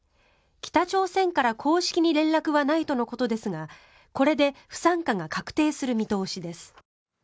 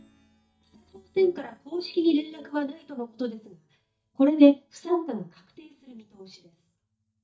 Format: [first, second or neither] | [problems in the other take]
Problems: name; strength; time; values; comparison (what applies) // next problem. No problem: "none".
first | noise reduction (neural mask model DeepFilterNet 3)